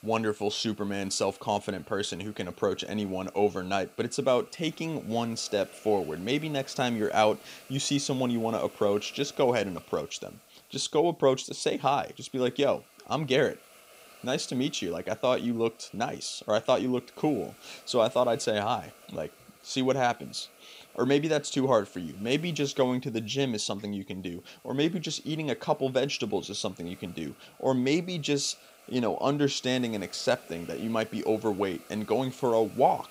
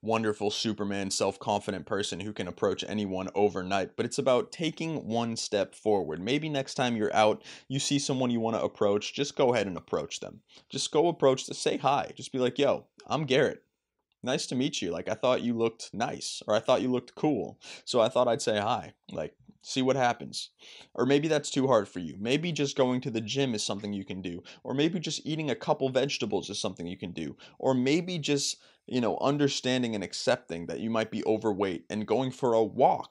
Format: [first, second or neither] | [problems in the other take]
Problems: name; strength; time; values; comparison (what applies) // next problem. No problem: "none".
second | hiss; faint; throughout; 25 dB below the speech